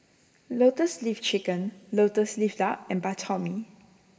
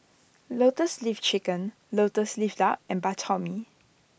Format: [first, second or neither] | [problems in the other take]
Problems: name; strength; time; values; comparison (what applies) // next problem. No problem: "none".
second | room echo; dies away in 2.1 s